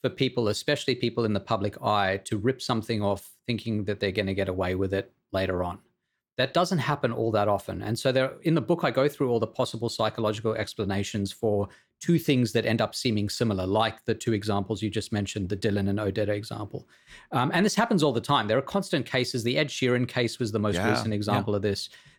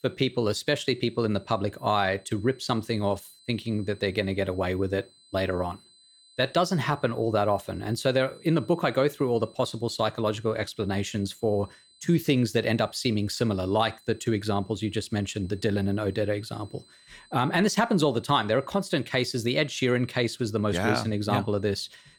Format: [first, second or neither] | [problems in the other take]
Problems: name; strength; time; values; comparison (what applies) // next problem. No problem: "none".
first | high-pitched whine; faint; throughout; 4 kHz, 30 dB below the speech